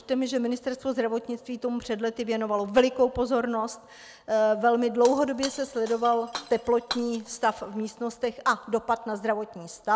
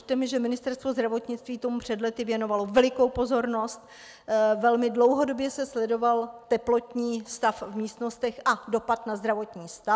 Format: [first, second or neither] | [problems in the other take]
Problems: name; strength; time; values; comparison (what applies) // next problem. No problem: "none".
second | background sound (Shatter); 13 dB below the speech